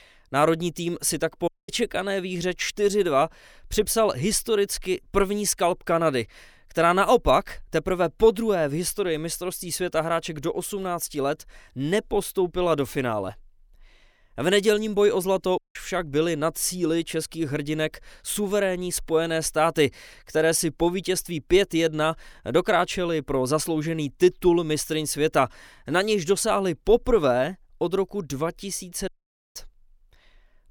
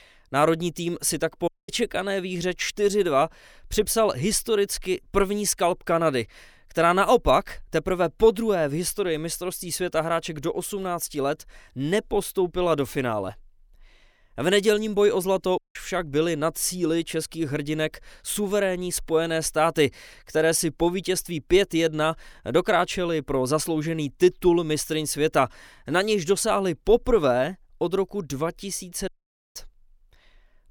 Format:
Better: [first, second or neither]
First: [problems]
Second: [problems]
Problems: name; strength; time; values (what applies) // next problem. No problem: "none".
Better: neither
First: audio cutting out; at 1.5 s, at 16 s and at 29 s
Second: audio cutting out; at 1.5 s, at 16 s and at 29 s